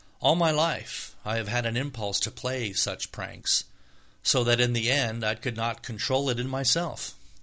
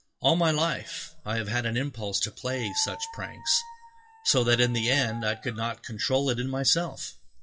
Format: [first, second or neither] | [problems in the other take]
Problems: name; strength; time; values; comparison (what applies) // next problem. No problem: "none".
first | noise reduction (classical method WPE with log-MMSE)